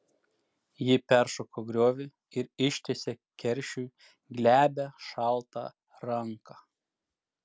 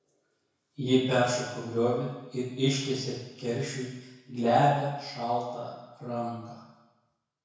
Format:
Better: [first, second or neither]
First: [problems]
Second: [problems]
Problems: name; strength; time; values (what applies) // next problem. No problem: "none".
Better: first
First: none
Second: room echo; dies away in 1 s